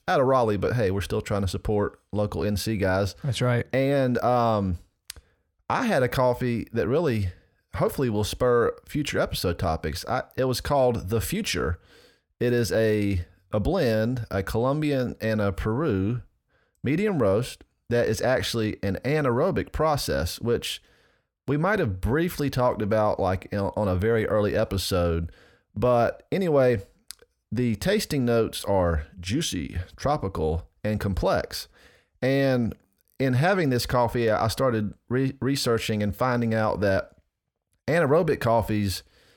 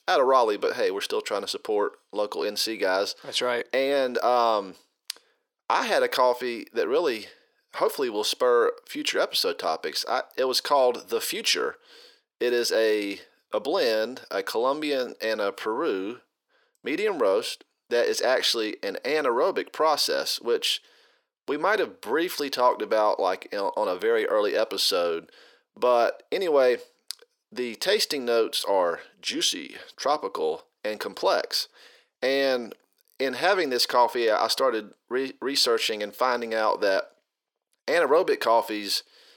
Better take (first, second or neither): first